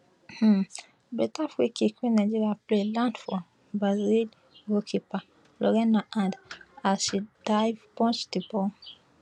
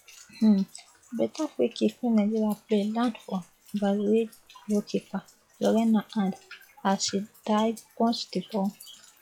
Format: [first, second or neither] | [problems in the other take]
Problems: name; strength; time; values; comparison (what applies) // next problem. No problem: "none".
first | noise reduction (classical method log-MMSE)